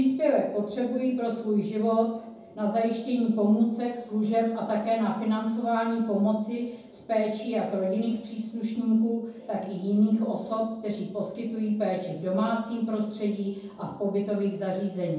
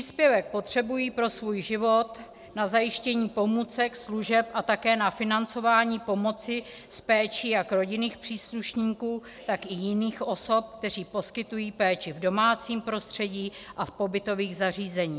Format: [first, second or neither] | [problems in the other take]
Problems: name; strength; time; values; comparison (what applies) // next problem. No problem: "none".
second | room echo; dies away in 0.9 s